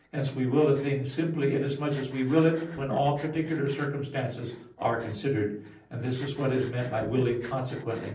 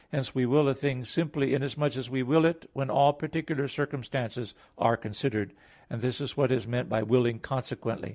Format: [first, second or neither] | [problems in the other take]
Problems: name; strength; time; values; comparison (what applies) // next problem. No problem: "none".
second | noise reduction (neural separator model SepFormer DNS4)